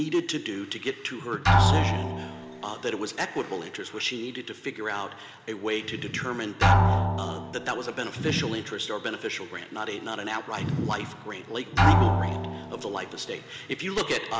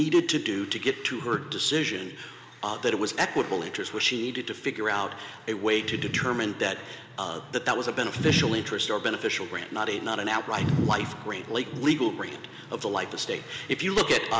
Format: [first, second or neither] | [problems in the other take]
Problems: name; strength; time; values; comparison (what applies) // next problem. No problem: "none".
second | background sound (Drum); 3 dB above the speech